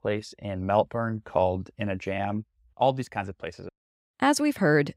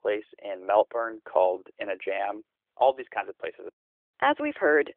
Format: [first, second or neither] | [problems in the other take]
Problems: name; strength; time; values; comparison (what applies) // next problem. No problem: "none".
first | phone-call audio; nothing above 3 kHz